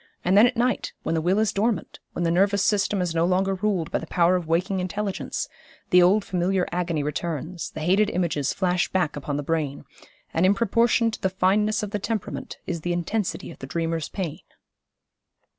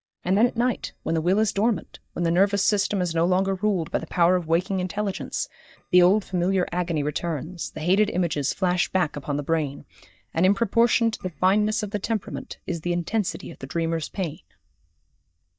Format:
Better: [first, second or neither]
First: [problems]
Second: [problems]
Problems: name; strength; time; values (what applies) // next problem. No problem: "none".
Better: first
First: none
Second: noise reduction (neural mask model DeepFilterNet 3)